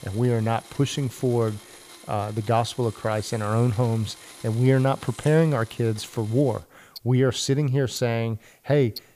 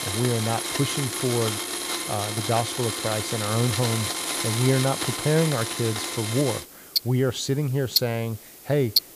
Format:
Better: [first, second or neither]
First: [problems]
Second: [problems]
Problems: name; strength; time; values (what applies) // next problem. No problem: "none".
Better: first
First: household noises; faint; throughout; 20 dB below the speech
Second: household noises; loud; throughout; 1 dB below the speech